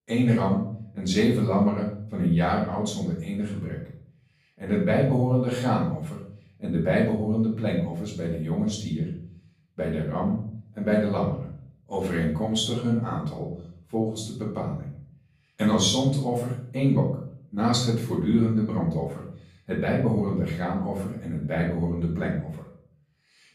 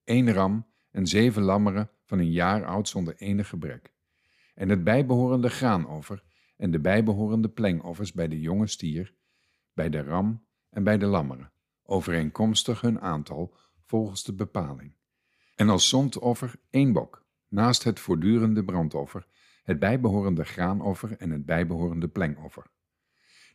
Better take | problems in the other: second | off-mic speech; far // room echo; noticeable; dies away in 0.5 s

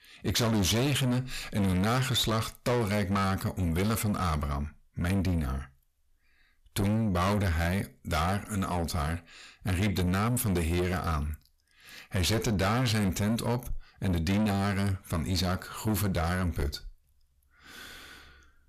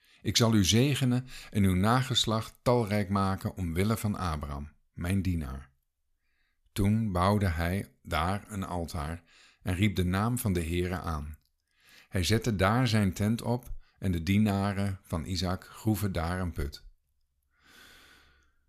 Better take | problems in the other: second | distortion; heavy; 6 dB below the speech

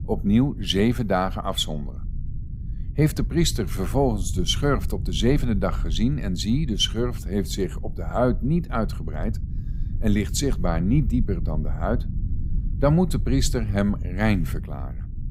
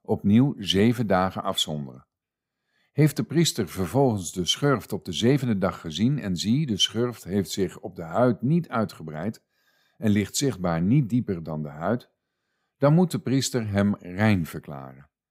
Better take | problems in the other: second | low rumble; noticeable; throughout; 20 dB below the speech

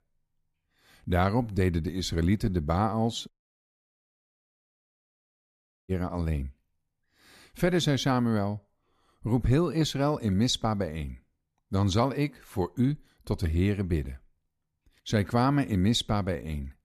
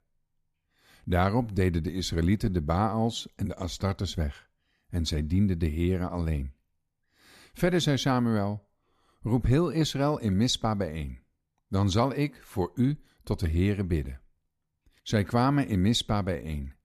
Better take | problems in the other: second | audio cutting out; at 3.5 s for 2.5 s

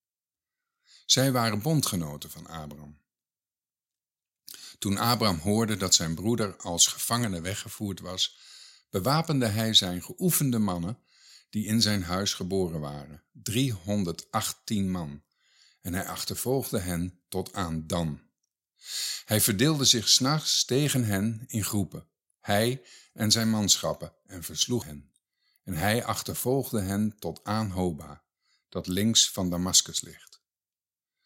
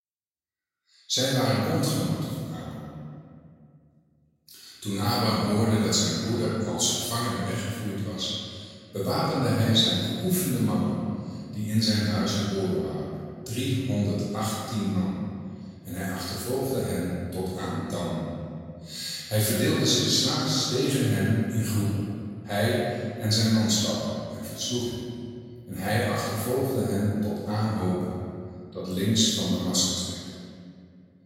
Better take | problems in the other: first | room echo; strong; dies away in 2.1 s // off-mic speech; far

